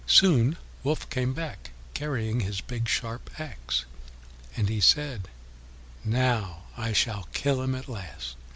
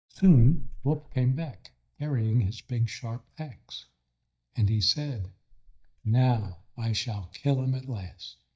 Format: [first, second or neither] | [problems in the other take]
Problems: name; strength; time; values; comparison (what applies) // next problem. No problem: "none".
first | noise reduction (neural mask model DeepFilterNet 3)